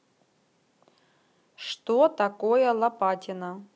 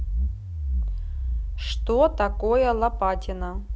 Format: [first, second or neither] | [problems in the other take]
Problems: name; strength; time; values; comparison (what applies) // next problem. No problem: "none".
first | background sound (Accelerating, revving, vroom); 1 dB below the speech